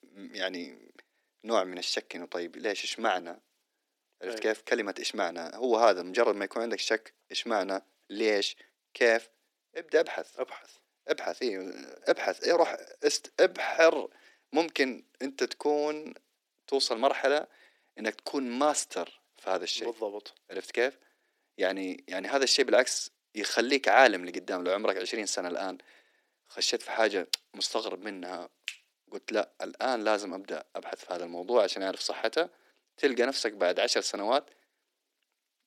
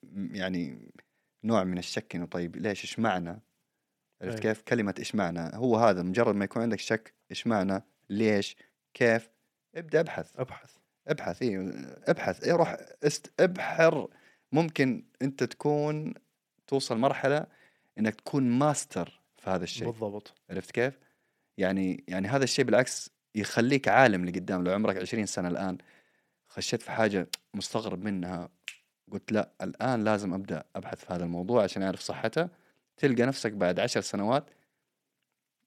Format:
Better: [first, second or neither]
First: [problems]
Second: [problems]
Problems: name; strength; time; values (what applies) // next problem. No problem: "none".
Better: second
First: thin; somewhat; fading below 300 Hz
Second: none